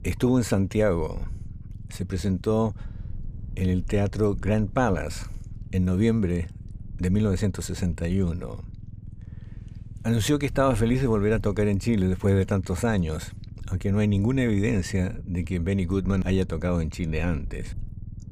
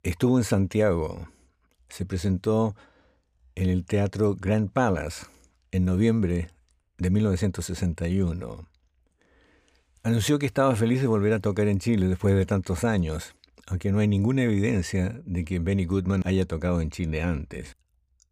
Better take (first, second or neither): second